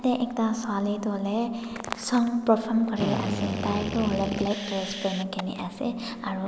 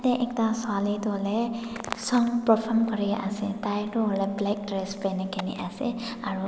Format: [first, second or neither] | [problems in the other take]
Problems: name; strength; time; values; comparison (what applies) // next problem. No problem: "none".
second | background sound (Drill); 6 dB below the speech